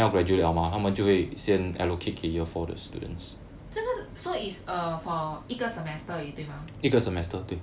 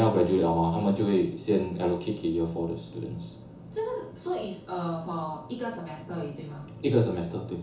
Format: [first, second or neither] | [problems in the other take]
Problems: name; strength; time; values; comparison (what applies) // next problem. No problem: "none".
first | room echo; dies away in 0.7 s